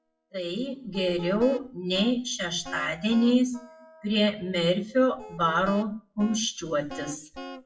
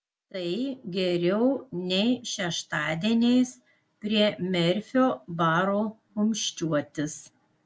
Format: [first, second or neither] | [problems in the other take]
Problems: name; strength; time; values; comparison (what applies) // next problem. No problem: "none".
second | noise reduction (classical method WPE with log-MMSE)